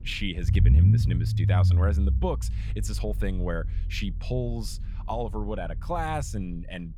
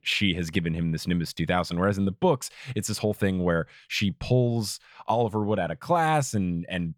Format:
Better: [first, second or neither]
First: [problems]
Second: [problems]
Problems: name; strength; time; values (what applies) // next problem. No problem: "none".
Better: second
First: low rumble; loud; throughout; 5 dB below the speech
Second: none